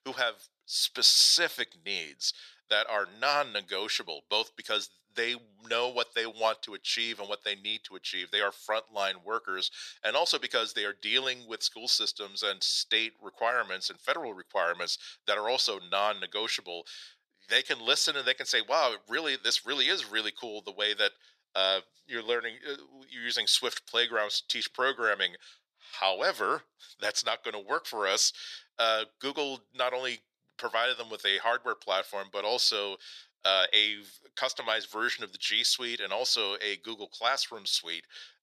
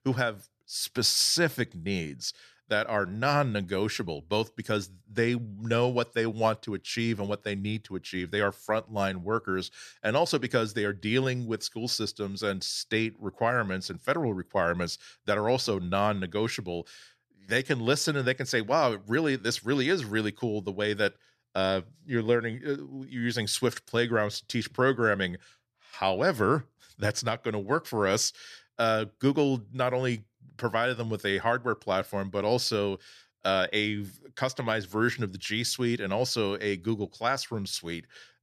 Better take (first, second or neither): second